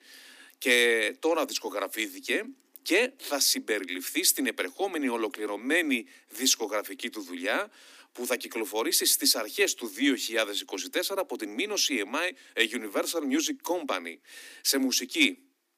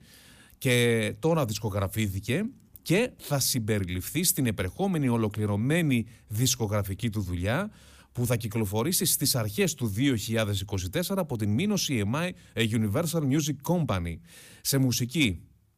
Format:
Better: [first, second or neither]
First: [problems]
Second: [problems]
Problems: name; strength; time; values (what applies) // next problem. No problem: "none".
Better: second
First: thin; somewhat; fading below 250 Hz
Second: none